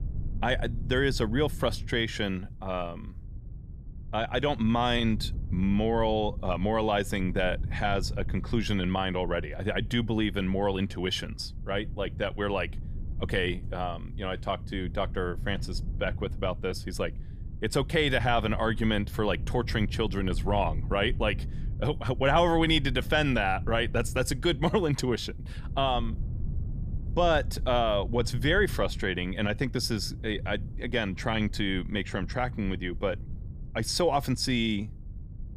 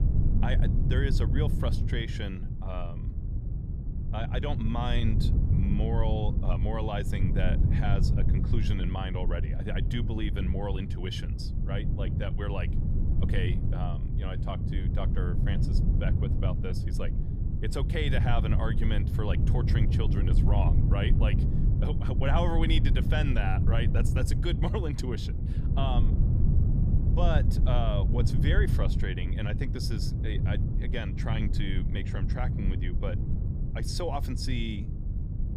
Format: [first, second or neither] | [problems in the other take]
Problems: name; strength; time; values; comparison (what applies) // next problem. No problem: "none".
first | low rumble; loud; throughout; 5 dB below the speech; faint in the first